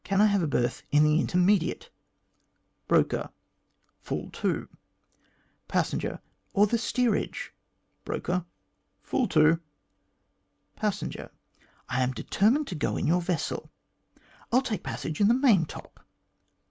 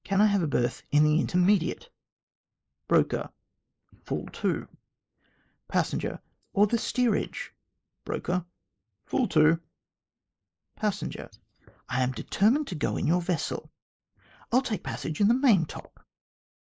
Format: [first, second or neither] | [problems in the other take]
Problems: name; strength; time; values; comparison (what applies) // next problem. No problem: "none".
first | noise reduction (neural mask model Resemble Enhance denoiser)